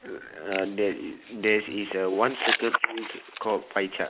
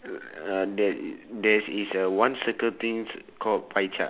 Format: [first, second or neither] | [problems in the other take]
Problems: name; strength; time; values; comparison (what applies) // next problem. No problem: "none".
second | noise reduction (neural mask model Resemble Enhance denoiser)